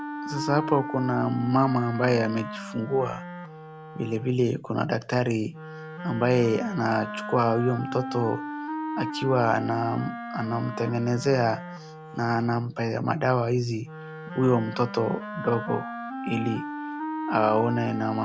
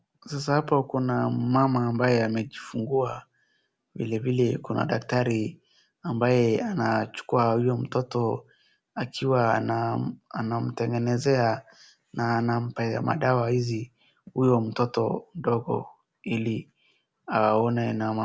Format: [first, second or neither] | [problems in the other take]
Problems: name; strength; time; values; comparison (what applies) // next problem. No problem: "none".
second | background sound (Wind instrument, woodwind instrument); 9 dB below the speech